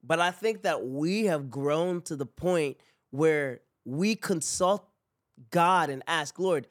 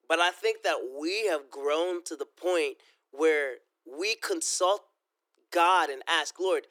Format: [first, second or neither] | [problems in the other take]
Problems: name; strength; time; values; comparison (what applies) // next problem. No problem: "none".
first | thin; very; fading below 300 Hz